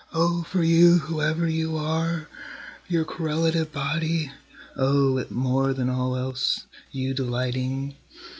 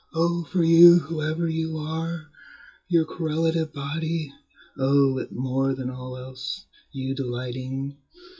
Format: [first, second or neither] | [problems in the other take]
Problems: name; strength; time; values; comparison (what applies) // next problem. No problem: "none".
first | noise reduction (classical method WPE with log-MMSE)